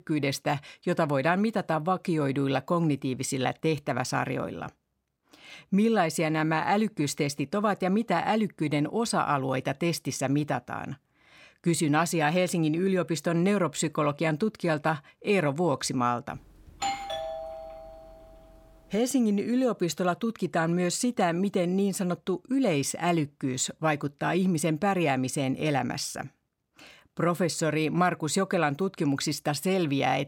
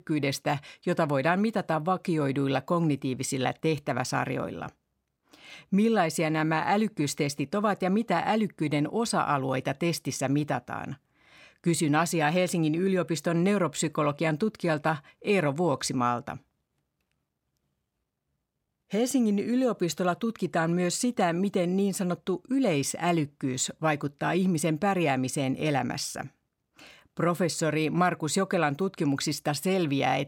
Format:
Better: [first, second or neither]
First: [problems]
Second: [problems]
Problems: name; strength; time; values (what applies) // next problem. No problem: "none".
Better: second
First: doorbell; noticeable; from 17 to 18 s; peak 4 dB below the speech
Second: none